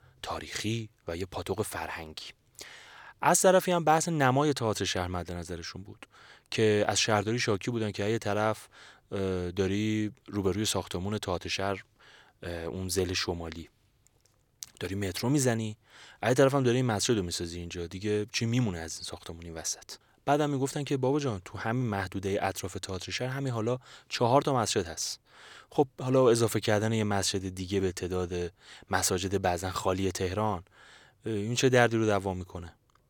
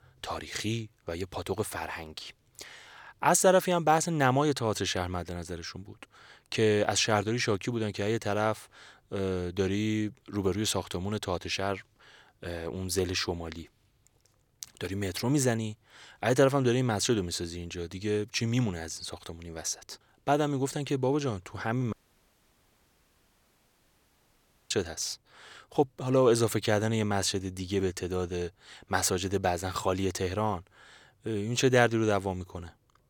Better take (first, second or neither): first